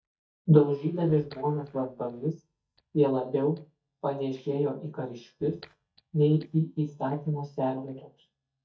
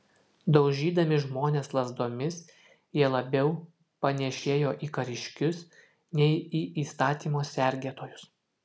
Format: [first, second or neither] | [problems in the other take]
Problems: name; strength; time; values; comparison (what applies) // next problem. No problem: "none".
second | noise reduction (neural mask model DeepFilterNet 3)